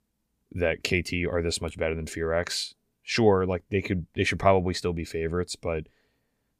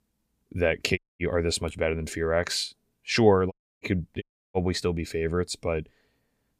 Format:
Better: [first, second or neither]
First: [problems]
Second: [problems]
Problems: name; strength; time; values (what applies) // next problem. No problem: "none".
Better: first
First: none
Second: audio cutting out; at 1 s, at 3.5 s and at 4 s